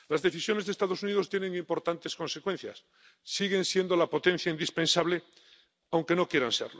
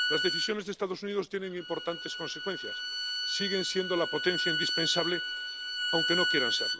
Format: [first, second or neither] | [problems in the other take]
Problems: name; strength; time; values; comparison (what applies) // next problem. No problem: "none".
first | background sound (Bowed string instrument); as loud as the speech